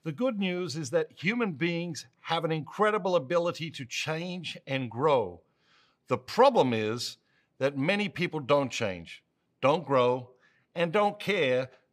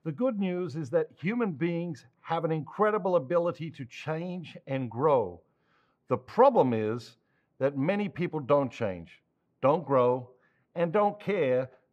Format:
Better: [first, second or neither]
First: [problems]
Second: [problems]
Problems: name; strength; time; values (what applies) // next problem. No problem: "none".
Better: first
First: none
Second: muffled; very; fading above 2 kHz